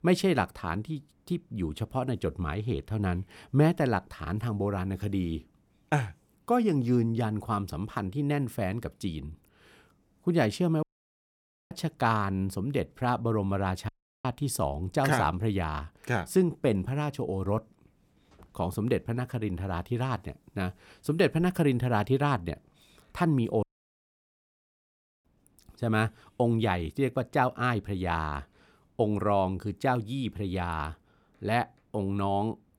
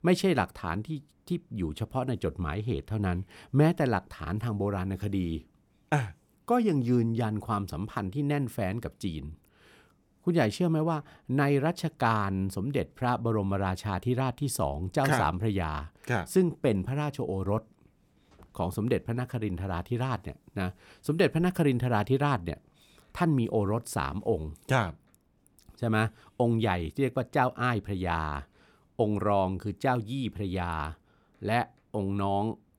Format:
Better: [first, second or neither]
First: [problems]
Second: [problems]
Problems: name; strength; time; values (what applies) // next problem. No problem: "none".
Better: second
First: audio cutting out; at 11 s for 1 s, at 14 s and at 24 s for 1.5 s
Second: none